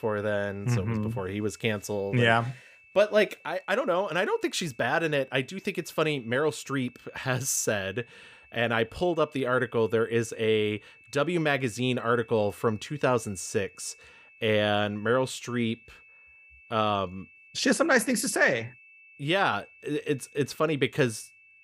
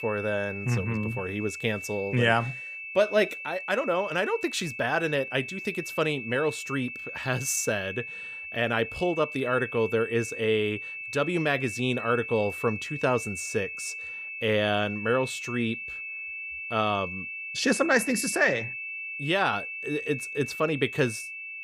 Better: first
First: high-pitched whine; faint; throughout; 2.5 kHz, 25 dB below the speech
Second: high-pitched whine; loud; throughout; 2.5 kHz, 7 dB below the speech

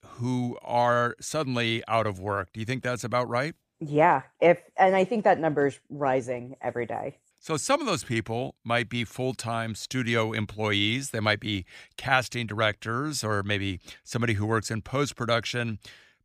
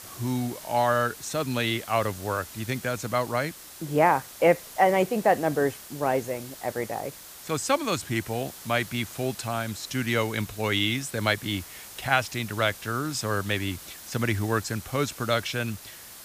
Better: first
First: none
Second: hiss; noticeable; throughout; 15 dB below the speech

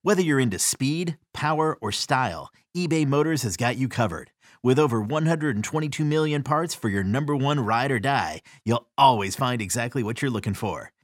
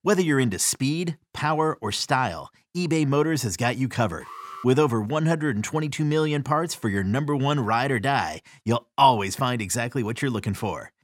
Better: first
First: none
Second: alarm; faint; at 4 s; peak 15 dB below the speech

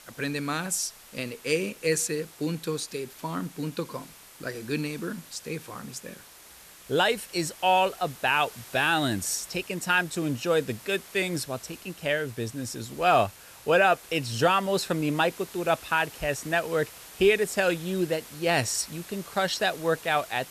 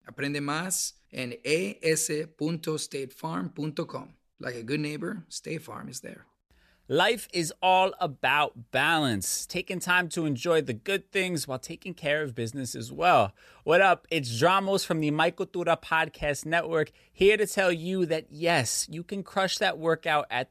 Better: second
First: hiss; noticeable; throughout; 20 dB below the speech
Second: none

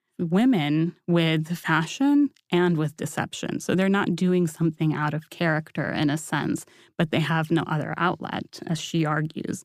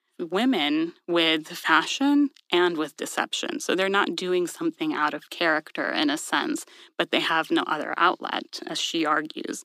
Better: first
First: none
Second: thin; somewhat; fading below 250 Hz

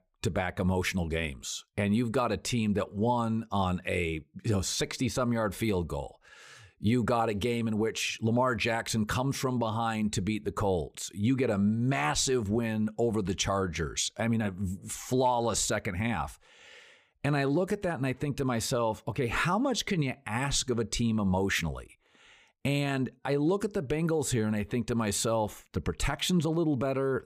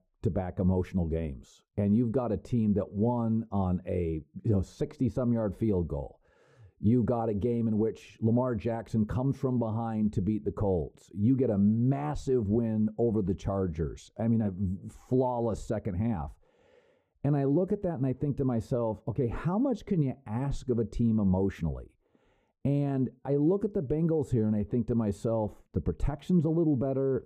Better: first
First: none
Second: muffled; very; fading above 1 kHz

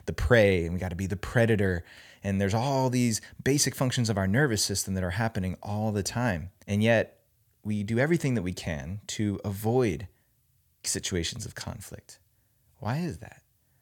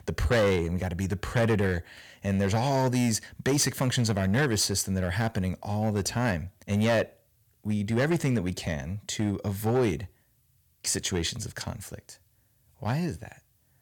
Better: first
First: none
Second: distortion; slight; 6% of the sound clipped

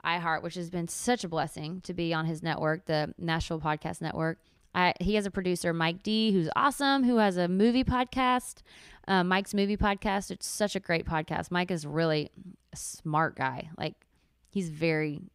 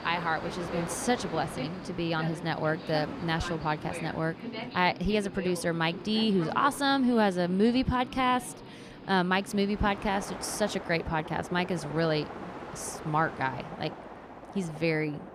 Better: first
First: none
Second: train or aircraft noise; noticeable; throughout; 10 dB below the speech

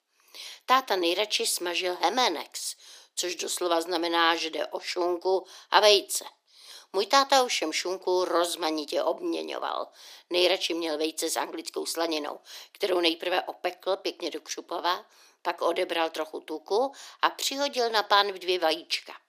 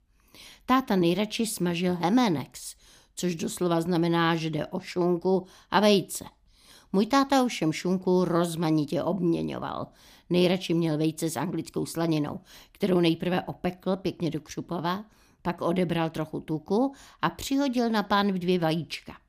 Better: second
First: thin; very; fading below 400 Hz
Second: none

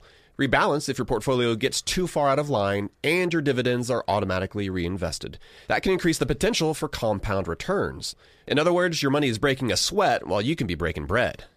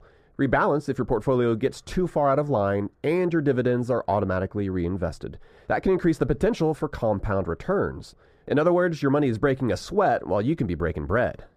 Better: first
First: none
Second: muffled; very; fading above 1.5 kHz

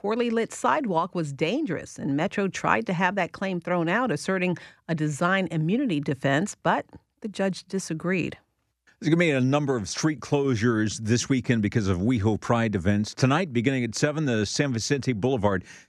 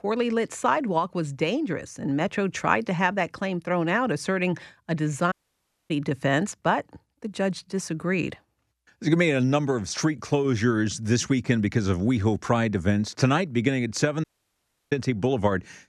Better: first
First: none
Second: audio cutting out; at 5.5 s for 0.5 s and at 14 s for 0.5 s

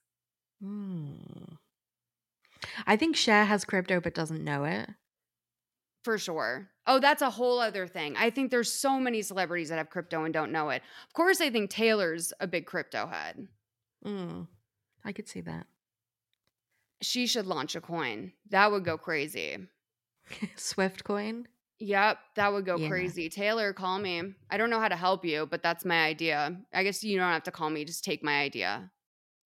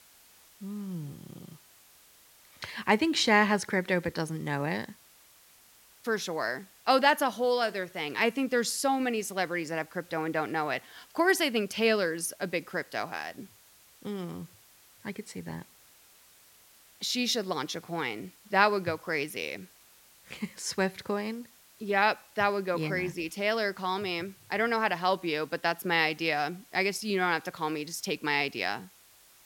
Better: first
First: none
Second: hiss; faint; throughout; 25 dB below the speech

